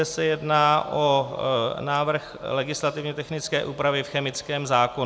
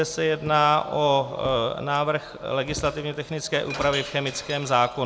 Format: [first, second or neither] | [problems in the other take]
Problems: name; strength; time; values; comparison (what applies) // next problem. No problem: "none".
first | background sound (Shatter); 16 dB below the speech